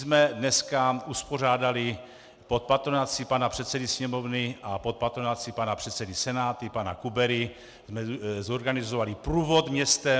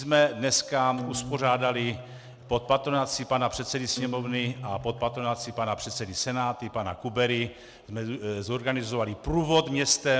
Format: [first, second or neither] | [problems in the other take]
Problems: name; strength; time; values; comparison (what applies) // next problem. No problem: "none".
first | background sound (Acoustic guitar); 13 dB below the speech